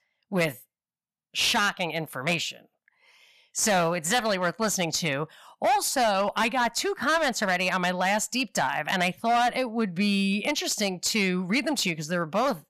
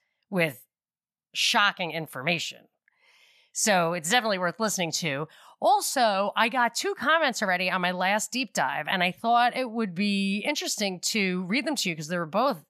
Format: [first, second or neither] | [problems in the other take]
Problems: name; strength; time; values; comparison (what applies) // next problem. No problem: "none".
second | distortion; slight; 7% of the sound clipped